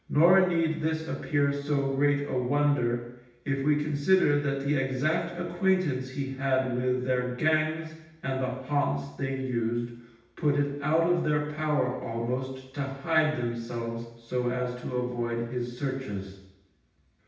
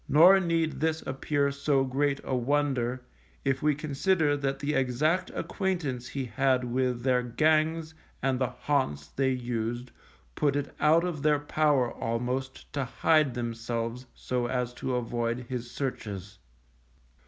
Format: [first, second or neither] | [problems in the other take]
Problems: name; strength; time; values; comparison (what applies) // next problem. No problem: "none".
second | room echo; dies away in 0.9 s